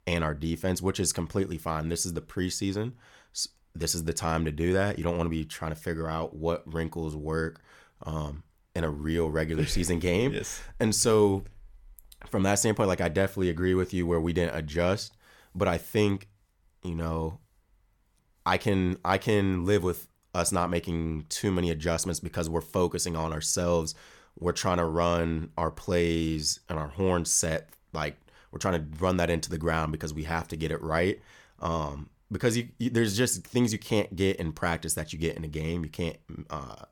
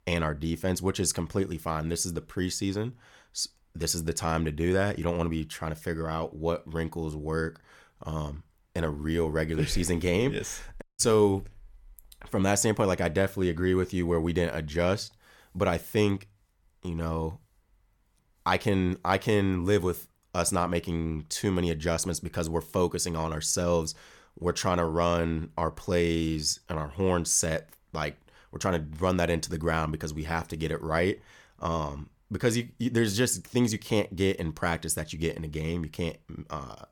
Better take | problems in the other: first | audio cutting out; at 11 s

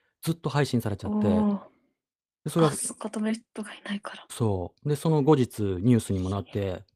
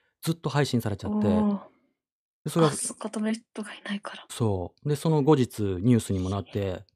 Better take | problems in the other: second | garbled, watery; slightly; nothing above 14.5 kHz

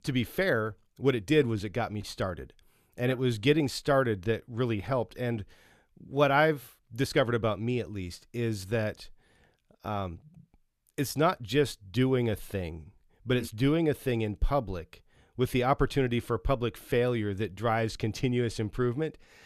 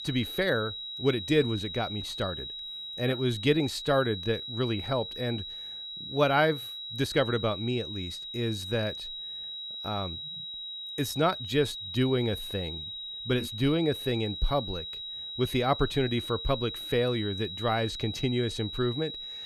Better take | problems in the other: first | high-pitched whine; loud; throughout; 4 kHz, 7 dB below the speech

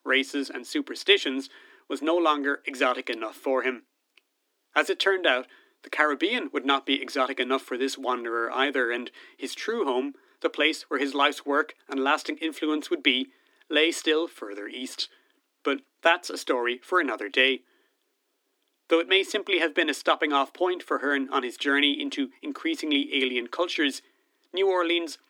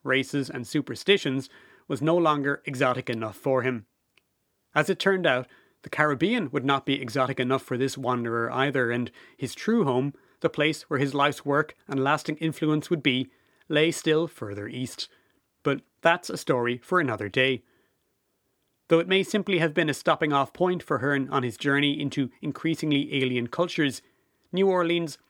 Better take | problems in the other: second | thin; very slightly; fading below 250 Hz

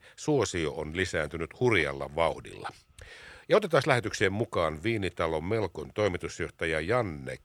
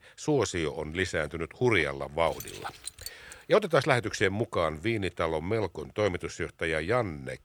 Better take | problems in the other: first | jangling keys; faint; from 2.5 to 3.5 s; peak 10 dB below the speech

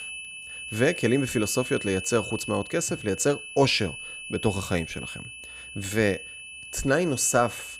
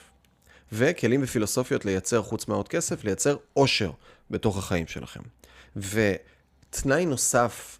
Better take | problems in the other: second | high-pitched whine; noticeable; throughout; 2.5 kHz, 10 dB below the speech

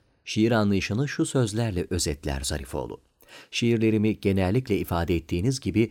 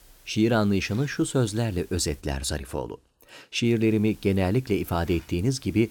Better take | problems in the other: first | hiss; faint; until 2 s and from 3.5 s on; 25 dB below the speech

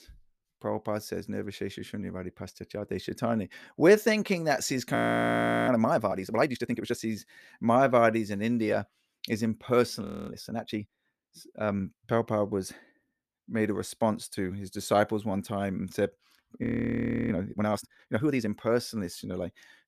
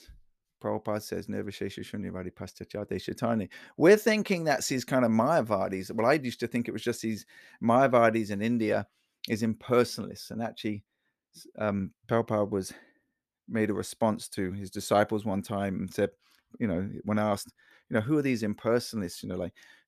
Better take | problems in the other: second | audio freezing; at 5 s for 0.5 s, at 10 s and at 17 s for 0.5 s

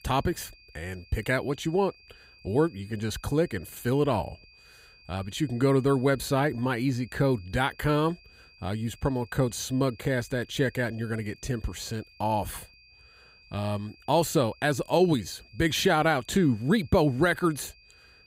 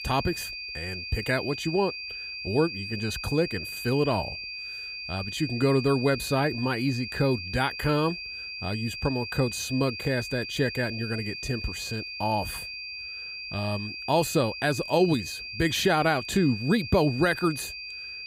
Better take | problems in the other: first | high-pitched whine; loud; throughout; 2.5 kHz, 7 dB below the speech; faint in the first

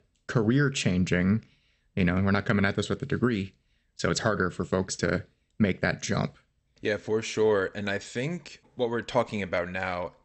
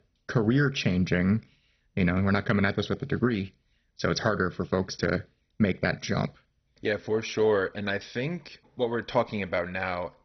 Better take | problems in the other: first | garbled, watery; badly; nothing above 6 kHz; slightly in the first

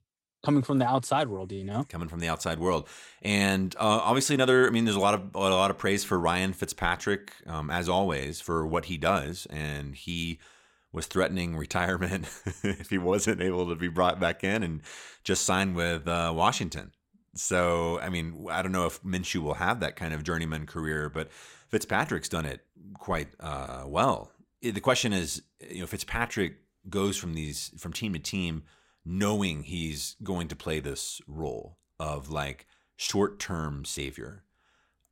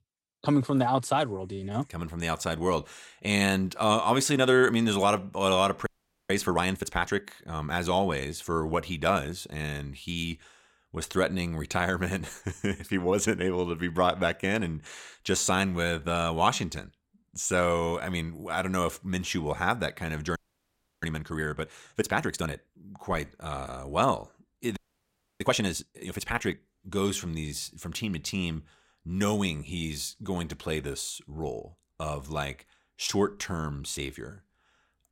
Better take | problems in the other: first | audio freezing; at 6 s, at 20 s for 0.5 s and at 25 s for 0.5 s

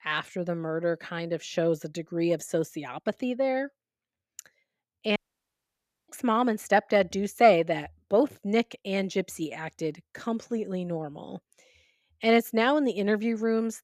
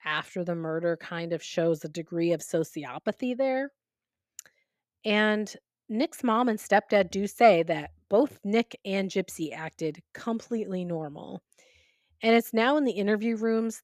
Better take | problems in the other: second | audio cutting out; at 5 s for 1 s

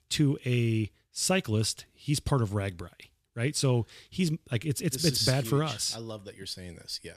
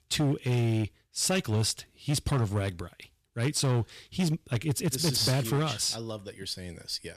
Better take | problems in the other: first | distortion; slight; 9% of the sound clipped

